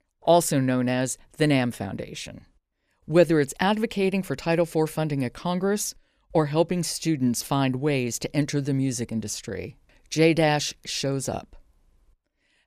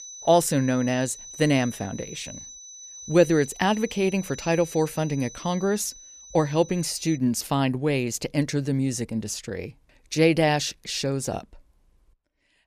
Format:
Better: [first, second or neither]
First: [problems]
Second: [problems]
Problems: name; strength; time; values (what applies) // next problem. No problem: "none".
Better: first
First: none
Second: high-pitched whine; noticeable; until 7 s; 6 kHz, 15 dB below the speech